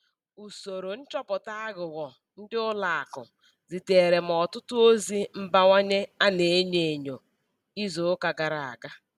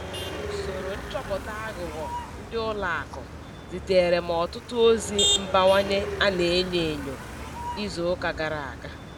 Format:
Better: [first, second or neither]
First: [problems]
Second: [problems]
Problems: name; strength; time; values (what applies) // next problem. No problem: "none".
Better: first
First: none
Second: background sound (Motor vehicle (road)); 6 dB below the speech